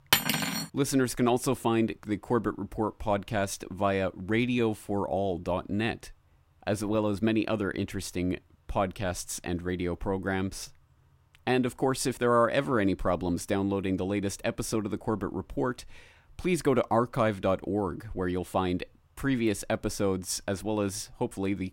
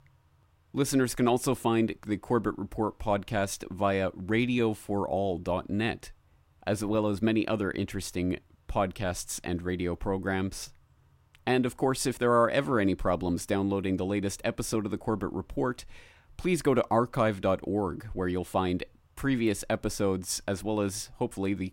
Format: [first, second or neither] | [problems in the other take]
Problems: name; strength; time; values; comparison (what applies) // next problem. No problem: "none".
second | clattering dishes; loud; at the start; peak 5 dB above the speech